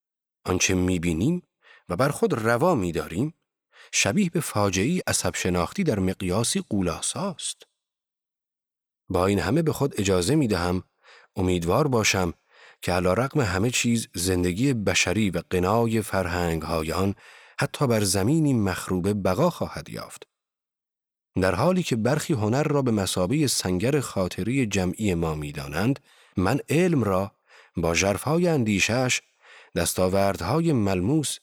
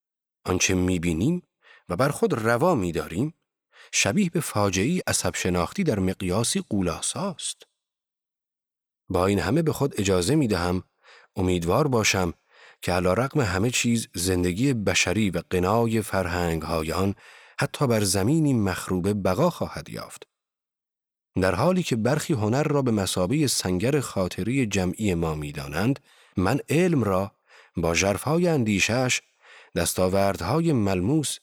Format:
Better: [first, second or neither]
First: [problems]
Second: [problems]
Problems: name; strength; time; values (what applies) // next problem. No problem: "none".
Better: neither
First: none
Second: none